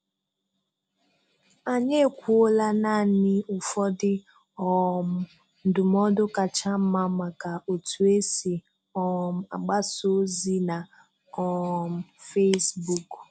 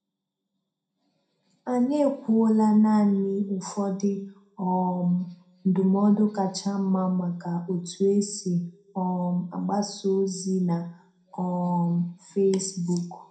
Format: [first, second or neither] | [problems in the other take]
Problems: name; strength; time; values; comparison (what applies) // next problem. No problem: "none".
first | room echo; dies away in 0.4 s